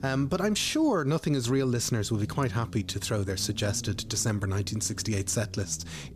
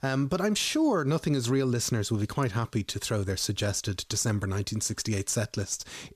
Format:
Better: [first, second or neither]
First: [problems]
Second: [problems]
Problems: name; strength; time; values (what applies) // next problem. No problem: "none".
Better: second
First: low rumble; faint; throughout; 20 dB below the speech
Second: none